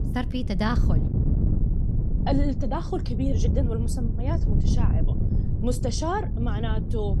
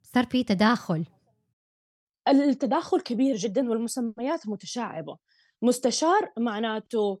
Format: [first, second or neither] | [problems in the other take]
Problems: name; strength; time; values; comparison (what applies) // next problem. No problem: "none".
second | wind noise on the microphone; heavy; 6 dB below the speech